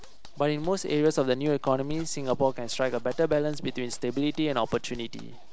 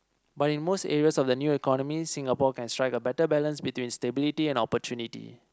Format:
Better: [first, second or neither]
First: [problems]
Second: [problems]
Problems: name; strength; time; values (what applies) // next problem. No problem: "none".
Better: second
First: background sound (Zipper (clothing)); 9 dB below the speech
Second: none